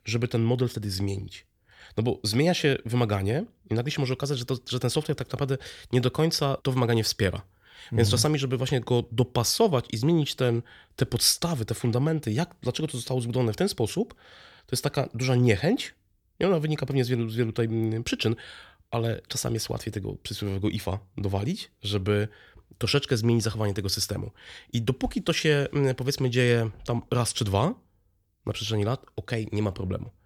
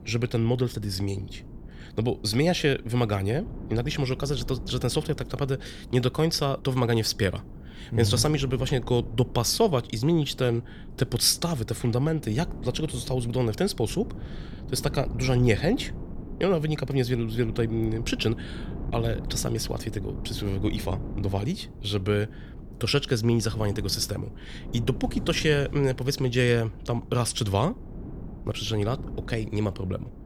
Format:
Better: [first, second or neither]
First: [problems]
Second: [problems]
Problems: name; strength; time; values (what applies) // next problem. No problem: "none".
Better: first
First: none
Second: wind noise on the microphone; occasional gusts; 20 dB below the speech